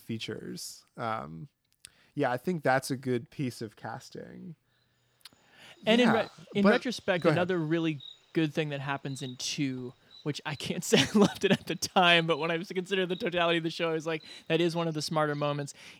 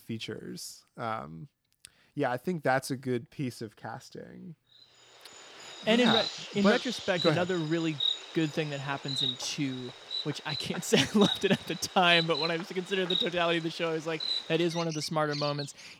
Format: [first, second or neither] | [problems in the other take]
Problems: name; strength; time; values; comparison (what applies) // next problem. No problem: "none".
first | animal sounds; loud; from 5 s on; 4 dB below the speech; faint in the first